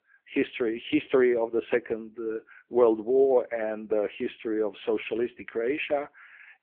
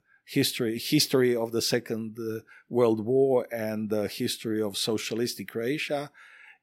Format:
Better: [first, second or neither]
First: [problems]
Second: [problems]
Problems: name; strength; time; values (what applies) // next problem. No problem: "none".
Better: second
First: phone-call audio; poor line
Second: none